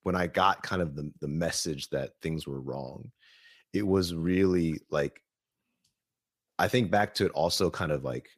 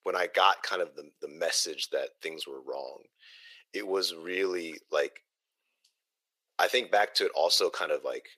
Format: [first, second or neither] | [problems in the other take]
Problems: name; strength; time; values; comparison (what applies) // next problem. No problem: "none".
first | thin; very; fading below 450 Hz